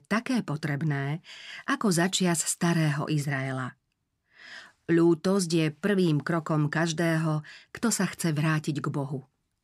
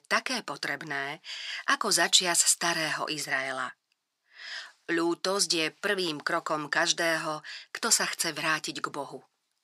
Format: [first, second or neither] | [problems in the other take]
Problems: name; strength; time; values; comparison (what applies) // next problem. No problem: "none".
first | thin; very; fading below 600 Hz